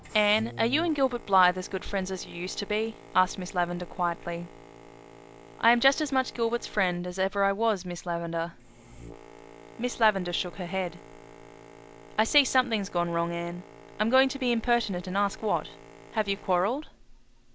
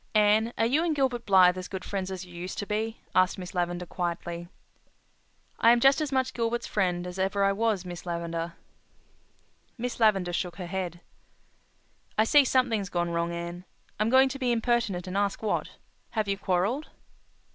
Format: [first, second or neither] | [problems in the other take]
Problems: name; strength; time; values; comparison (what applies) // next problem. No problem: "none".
second | background sound (Boat, Water vehicle); 19 dB below the speech